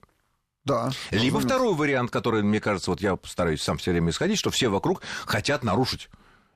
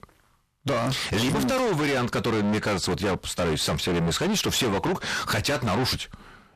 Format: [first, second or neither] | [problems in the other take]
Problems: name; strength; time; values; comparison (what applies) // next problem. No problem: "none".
first | distortion; heavy; 7 dB below the speech